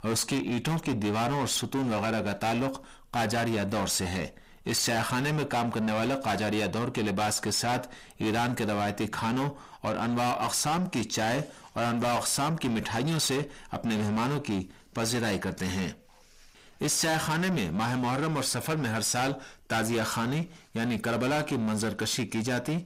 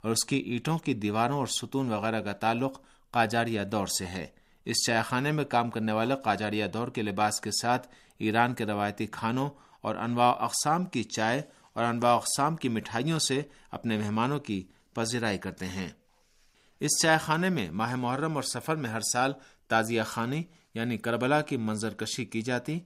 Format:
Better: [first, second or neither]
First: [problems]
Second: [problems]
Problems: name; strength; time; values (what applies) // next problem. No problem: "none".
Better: second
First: distortion; heavy; 6 dB below the speech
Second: none